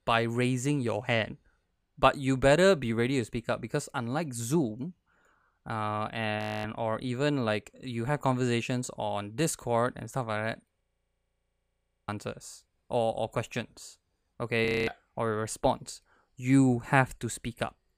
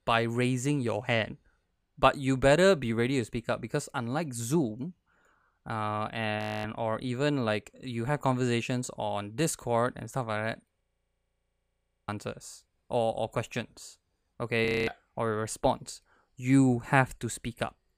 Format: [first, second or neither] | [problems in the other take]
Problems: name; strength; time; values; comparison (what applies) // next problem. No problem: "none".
neither | audio freezing; at 6.5 s, at 11 s for 1.5 s and at 15 s; the same in both